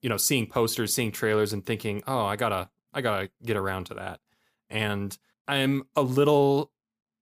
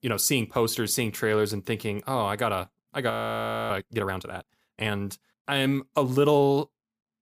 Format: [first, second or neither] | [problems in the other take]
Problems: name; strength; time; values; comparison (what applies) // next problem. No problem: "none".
first | audio freezing; at 3 s for 0.5 s